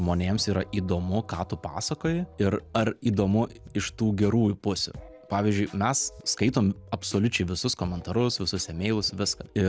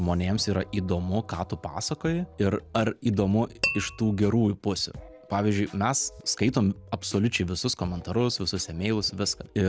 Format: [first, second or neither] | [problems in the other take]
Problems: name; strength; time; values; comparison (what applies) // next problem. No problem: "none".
first | background sound (Tap / Glass); 8 dB below the speech